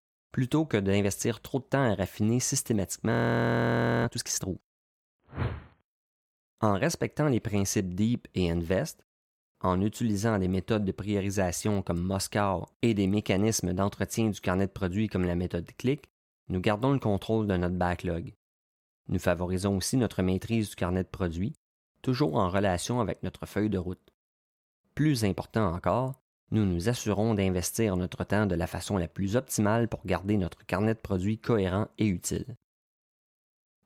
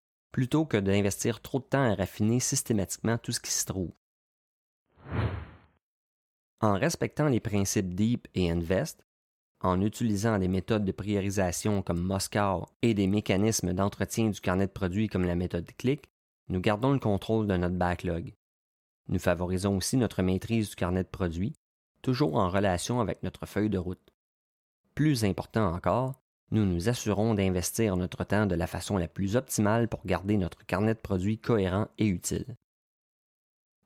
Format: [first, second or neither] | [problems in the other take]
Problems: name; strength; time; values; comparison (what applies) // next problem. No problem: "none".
second | audio freezing; at 3 s for 1 s